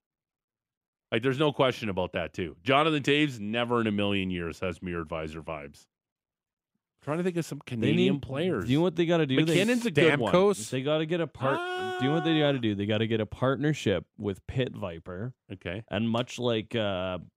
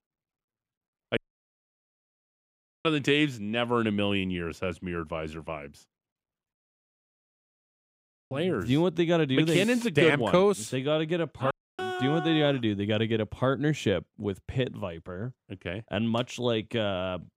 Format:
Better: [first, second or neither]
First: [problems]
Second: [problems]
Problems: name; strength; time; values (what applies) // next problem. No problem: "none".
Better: first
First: none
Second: audio cutting out; at 1 s for 1.5 s, at 6.5 s for 2 s and at 12 s